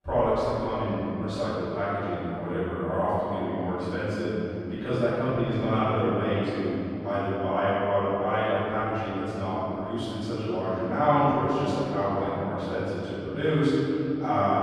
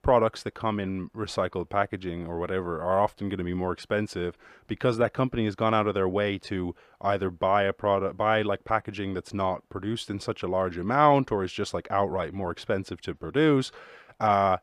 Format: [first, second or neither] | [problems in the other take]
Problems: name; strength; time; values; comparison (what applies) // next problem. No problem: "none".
second | off-mic speech; far // room echo; strong; dies away in 3 s